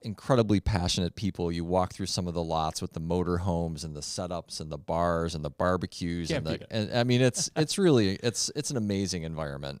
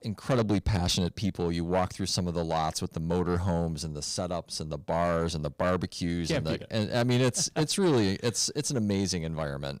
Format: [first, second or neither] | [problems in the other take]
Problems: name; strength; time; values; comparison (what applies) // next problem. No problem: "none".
first | distortion; slight; 10 dB below the speech